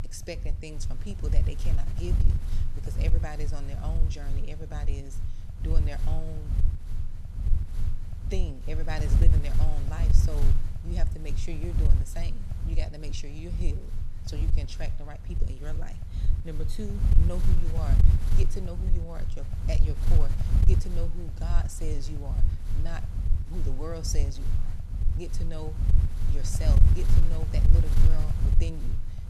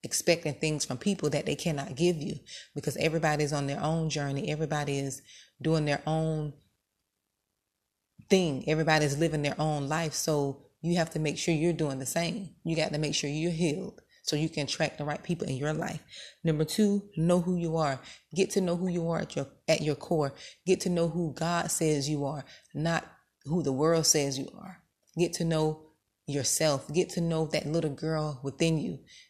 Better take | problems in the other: second | wind noise on the microphone; heavy; 3 dB below the speech

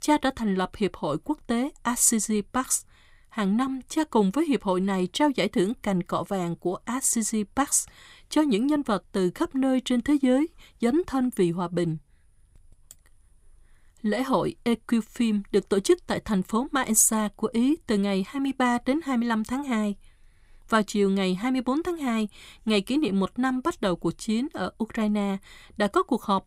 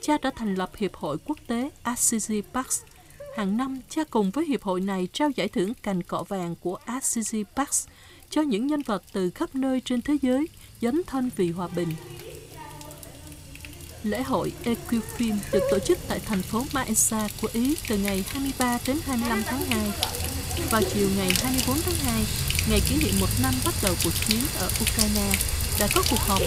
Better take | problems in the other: first | household noises; very loud; throughout; as loud as the speech

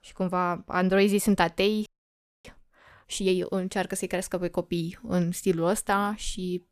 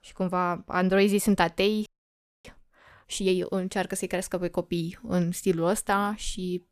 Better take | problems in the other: neither | audio freezing; at 2 s for 0.5 s; the same in both

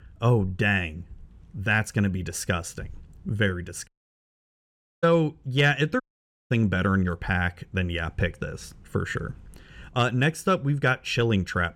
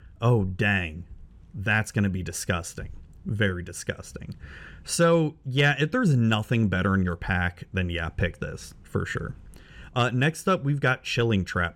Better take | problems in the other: second | audio cutting out; at 4 s for 1 s and at 6 s for 0.5 s

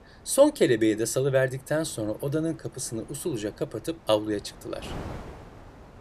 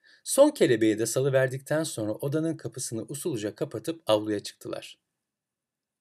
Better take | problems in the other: second | wind noise on the microphone; occasional gusts; 20 dB below the speech

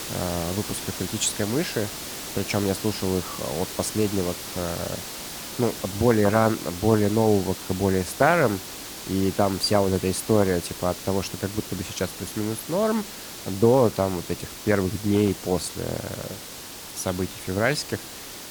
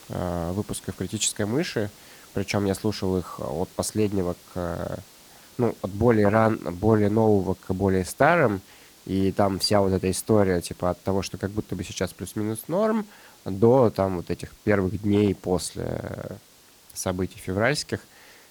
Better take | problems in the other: second | hiss; loud; throughout; 9 dB below the speech; faint in the second

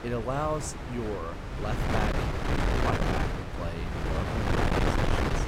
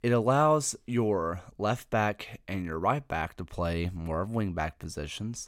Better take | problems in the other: second | wind noise on the microphone; heavy; 3 dB above the speech

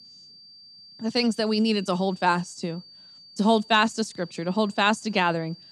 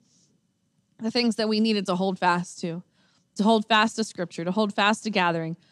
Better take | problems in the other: second | high-pitched whine; faint; throughout; 4.5 kHz, 20 dB below the speech

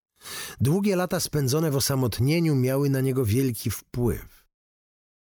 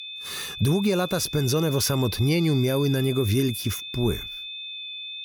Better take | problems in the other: first | high-pitched whine; loud; throughout; 3.5 kHz, 10 dB below the speech

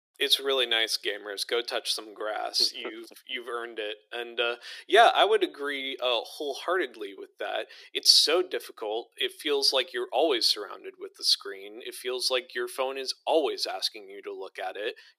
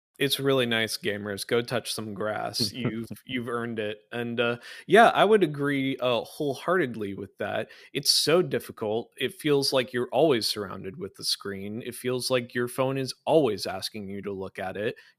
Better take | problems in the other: second | thin; very; fading below 350 Hz

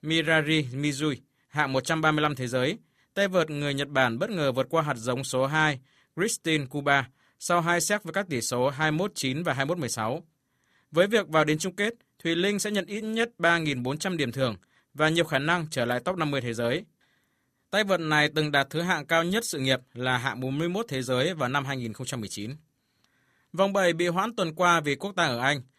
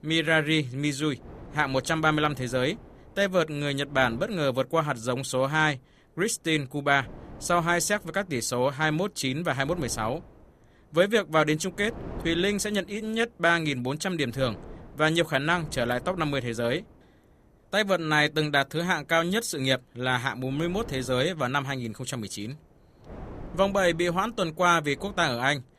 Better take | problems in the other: first | wind noise on the microphone; occasional gusts; 25 dB below the speech

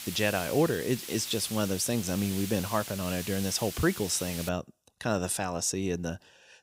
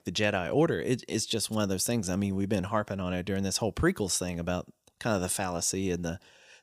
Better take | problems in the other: second | hiss; loud; until 4.5 s; 8 dB below the speech

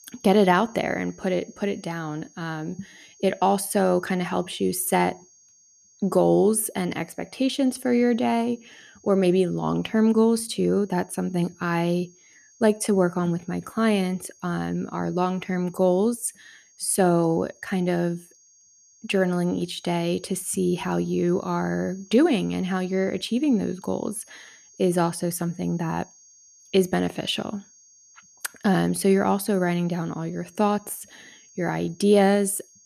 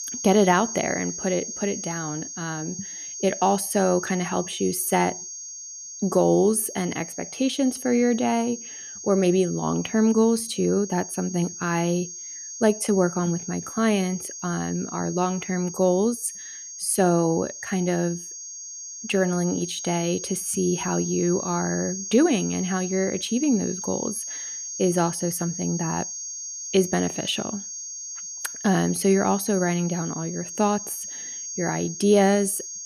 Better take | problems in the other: first | high-pitched whine; loud; throughout; 6.5 kHz, 8 dB below the speech; faint in the first

